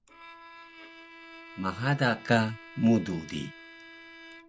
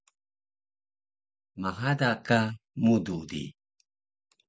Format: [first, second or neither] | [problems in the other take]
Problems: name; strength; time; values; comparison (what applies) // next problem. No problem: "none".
second | background sound (Bowed string instrument); 18 dB below the speech